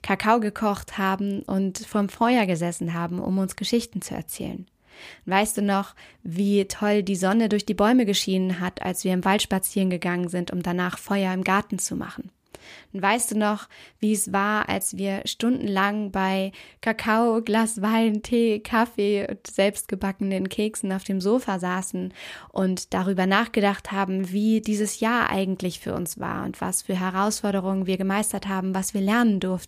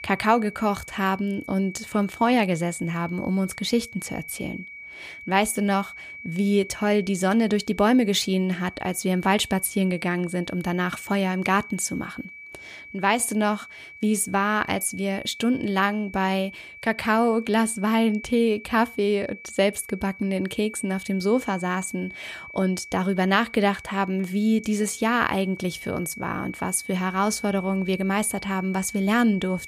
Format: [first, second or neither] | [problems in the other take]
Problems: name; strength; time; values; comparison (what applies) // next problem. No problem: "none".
first | high-pitched whine; noticeable; throughout; 2.5 kHz, 15 dB below the speech